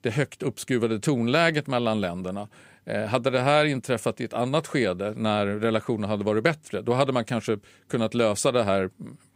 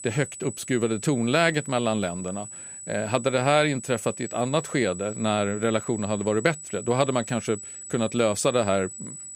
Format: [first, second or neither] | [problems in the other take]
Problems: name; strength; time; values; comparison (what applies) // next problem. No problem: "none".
first | high-pitched whine; noticeable; throughout; 8 kHz, 10 dB below the speech